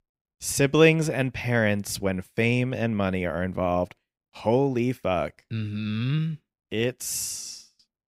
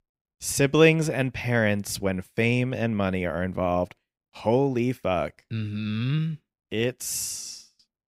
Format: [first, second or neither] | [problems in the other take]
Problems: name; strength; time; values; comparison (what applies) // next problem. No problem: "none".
neither | none